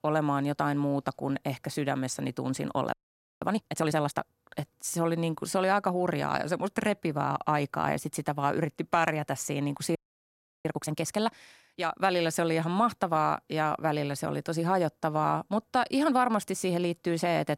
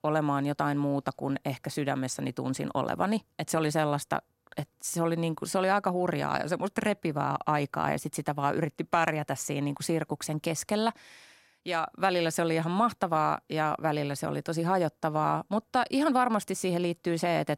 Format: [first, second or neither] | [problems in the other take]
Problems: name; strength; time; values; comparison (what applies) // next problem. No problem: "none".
second | audio freezing; at 3 s and at 10 s for 0.5 s